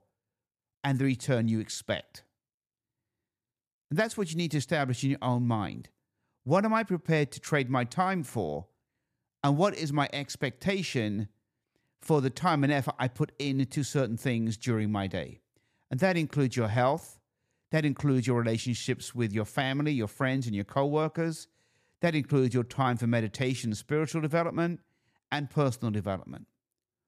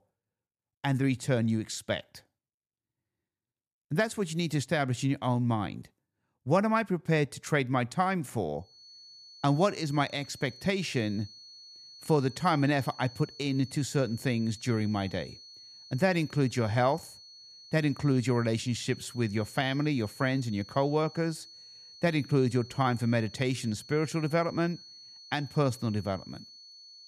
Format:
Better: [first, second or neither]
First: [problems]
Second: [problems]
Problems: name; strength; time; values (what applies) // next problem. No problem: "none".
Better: first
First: none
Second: high-pitched whine; noticeable; from 8.5 s on; 4.5 kHz, 20 dB below the speech